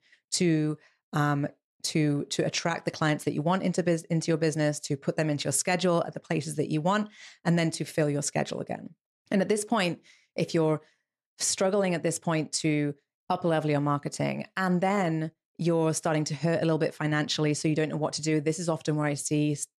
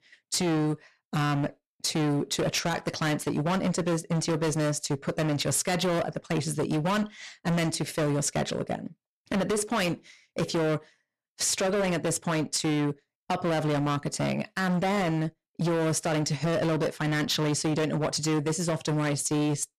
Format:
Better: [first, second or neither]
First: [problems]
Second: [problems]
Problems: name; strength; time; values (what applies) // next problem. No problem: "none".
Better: first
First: none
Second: distortion; heavy; 23% of the sound clipped